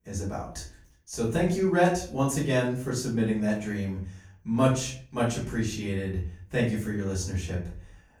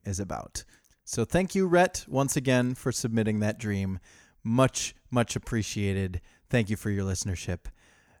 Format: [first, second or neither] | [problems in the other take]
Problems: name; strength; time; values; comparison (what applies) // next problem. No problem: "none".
second | off-mic speech; far // room echo; slight; dies away in 0.4 s